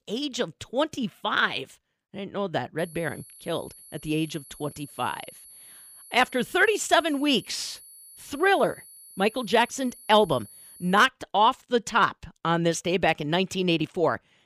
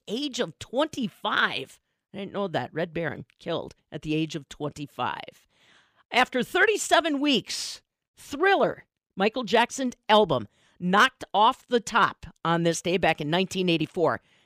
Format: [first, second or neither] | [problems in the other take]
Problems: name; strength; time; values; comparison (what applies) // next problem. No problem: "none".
second | high-pitched whine; faint; from 3 to 11 s; 10 kHz, 20 dB below the speech